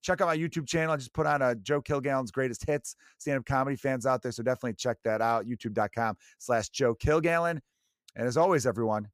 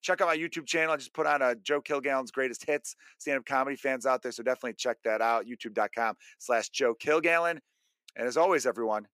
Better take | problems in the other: first | thin; somewhat; fading below 300 Hz

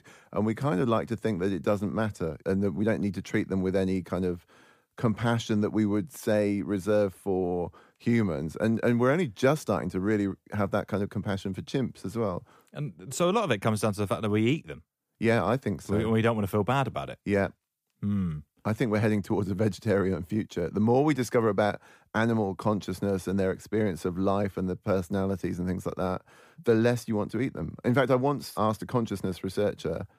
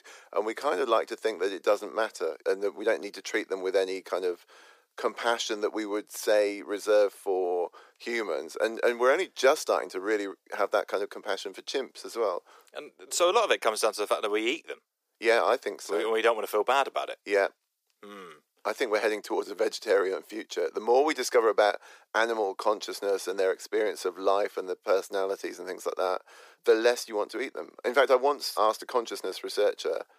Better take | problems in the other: first | thin; very; fading below 400 Hz

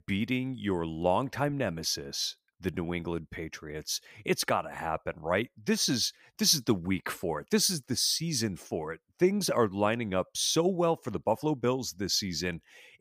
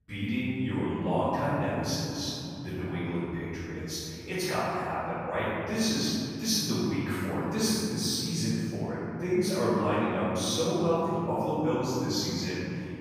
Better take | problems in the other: first | off-mic speech; far // room echo; strong; dies away in 3 s

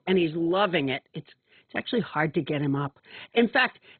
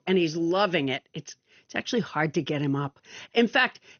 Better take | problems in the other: second | garbled, watery; badly; nothing above 4 kHz; slightly in the second

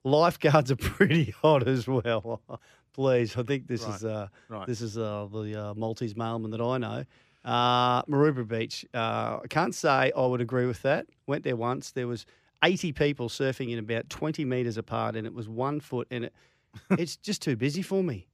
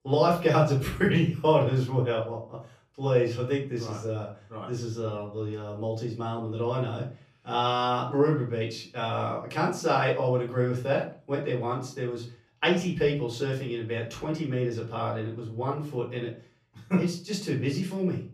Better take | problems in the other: first | room echo; slight; dies away in 0.3 s // off-mic speech; far

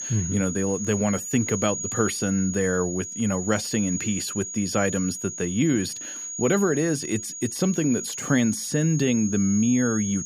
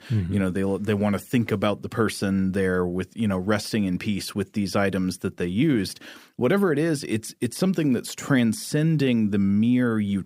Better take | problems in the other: second | high-pitched whine; loud; throughout; 6.5 kHz, 6 dB below the speech

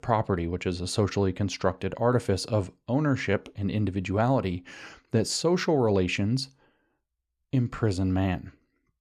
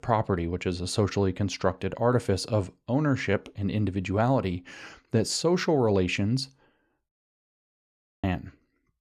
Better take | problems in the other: first | audio cutting out; at 7 s for 1 s

